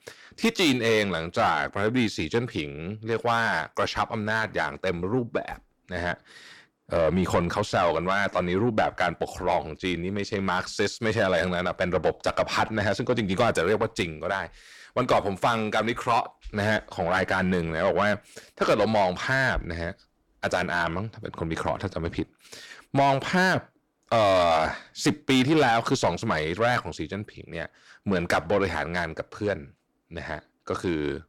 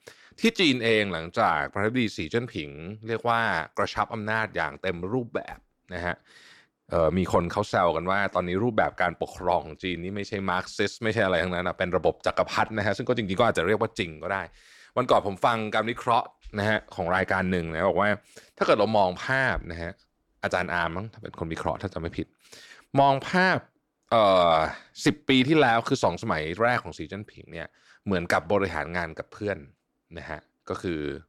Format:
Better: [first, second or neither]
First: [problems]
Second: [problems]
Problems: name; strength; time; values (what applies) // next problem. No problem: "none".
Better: second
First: distortion; slight; 10 dB below the speech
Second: none